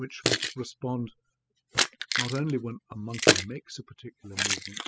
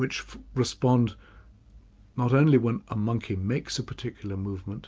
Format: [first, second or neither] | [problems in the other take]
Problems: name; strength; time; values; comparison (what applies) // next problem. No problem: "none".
second | noise reduction (classical method spectral subtraction)